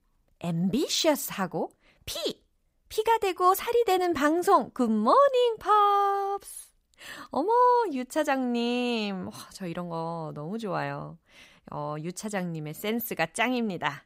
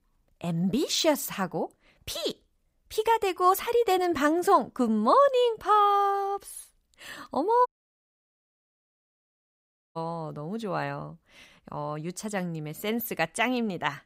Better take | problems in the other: first | audio cutting out; at 7.5 s for 2.5 s

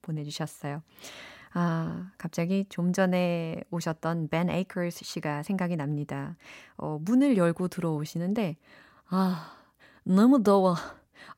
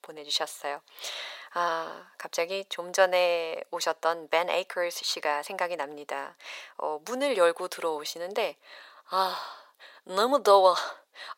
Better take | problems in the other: first | thin; very; fading below 500 Hz

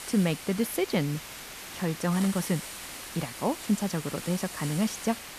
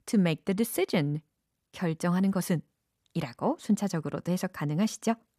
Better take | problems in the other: second | hiss; loud; throughout; 9 dB below the speech

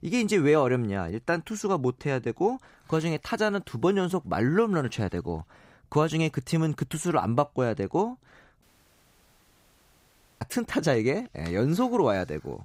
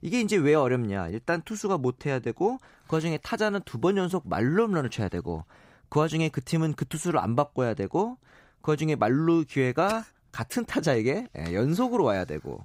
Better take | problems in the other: second | audio cutting out; at 8.5 s for 2 s

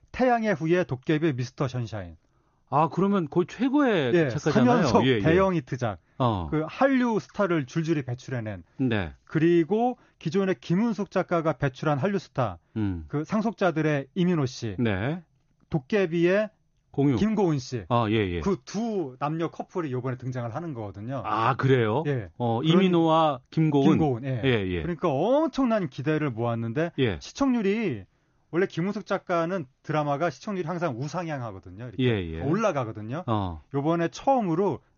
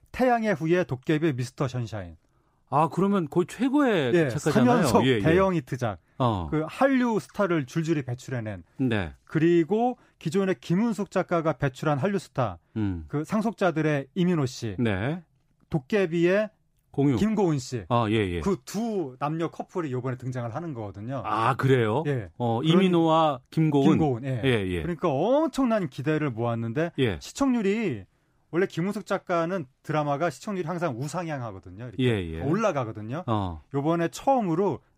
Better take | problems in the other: second | garbled, watery; slightly; nothing above 6.5 kHz

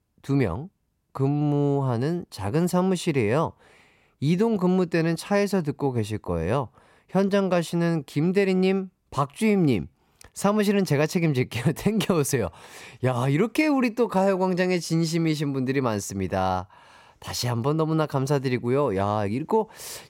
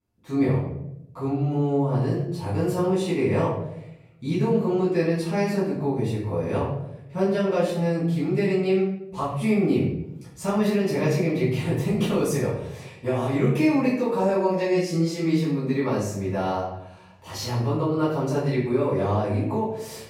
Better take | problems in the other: first | off-mic speech; far // room echo; noticeable; dies away in 0.8 s

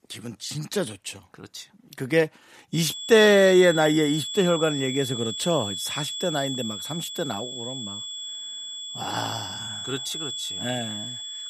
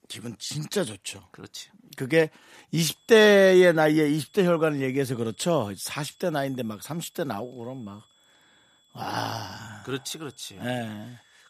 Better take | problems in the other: second | high-pitched whine; loud; from 3 s on; 3.5 kHz, 7 dB below the speech; faint in the second

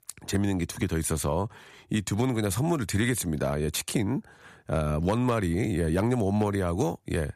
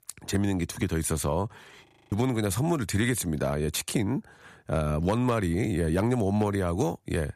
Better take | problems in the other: first | audio freezing; at 2 s

